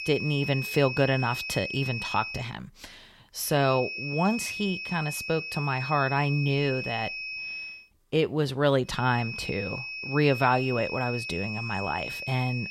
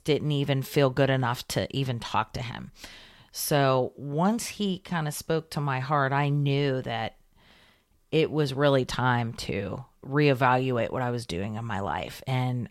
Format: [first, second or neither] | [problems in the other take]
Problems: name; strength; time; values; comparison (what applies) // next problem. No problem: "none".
second | high-pitched whine; loud; until 2.5 s, from 3.5 to 7.5 s and from 9 s on; 2.5 kHz, 6 dB below the speech